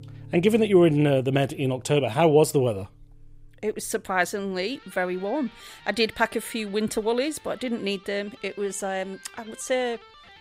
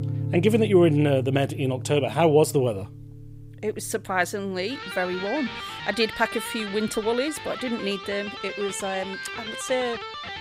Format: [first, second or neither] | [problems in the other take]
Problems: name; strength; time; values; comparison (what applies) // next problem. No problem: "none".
first | background music; loud; throughout; 9 dB below the speech; faint in the first